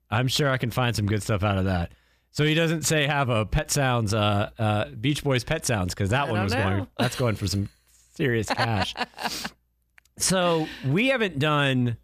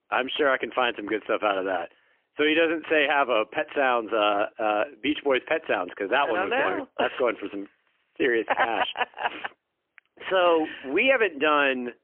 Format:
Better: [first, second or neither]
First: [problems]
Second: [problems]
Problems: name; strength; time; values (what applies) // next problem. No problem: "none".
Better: first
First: none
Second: phone-call audio; poor line; nothing above 3 kHz